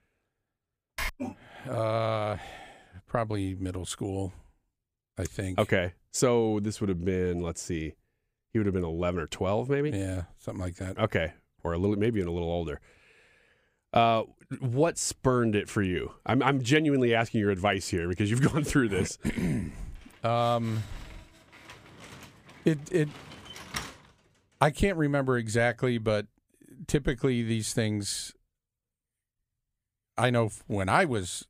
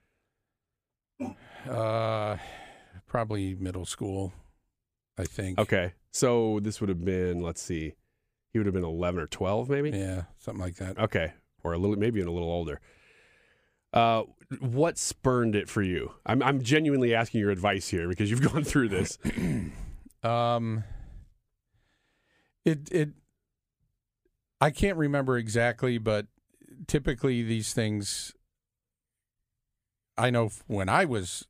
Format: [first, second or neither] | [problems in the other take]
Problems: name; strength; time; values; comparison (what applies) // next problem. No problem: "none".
second | keyboard typing; noticeable; at 1 s; peak 7 dB below the speech // door banging; noticeable; from 21 to 24 s; peak 8 dB below the speech